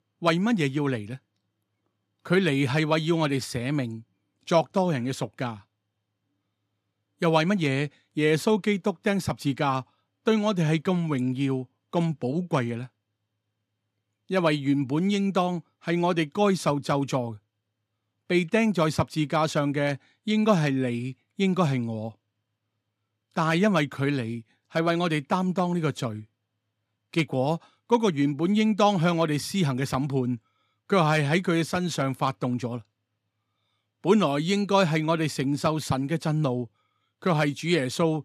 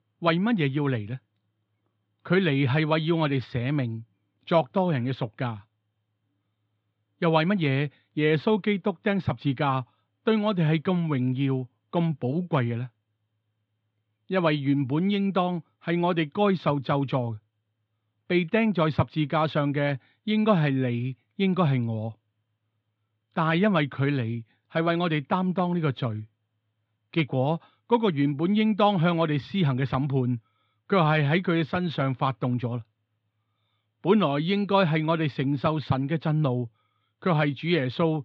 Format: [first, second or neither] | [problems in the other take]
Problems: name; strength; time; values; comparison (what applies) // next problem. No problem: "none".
first | muffled; slightly; fading above 3.5 kHz